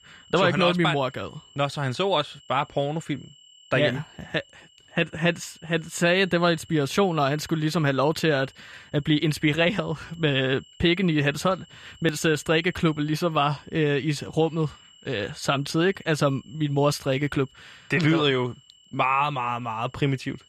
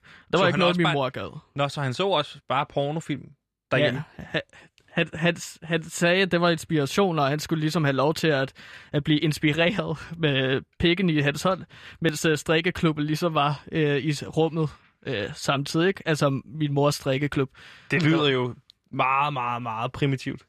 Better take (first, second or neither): second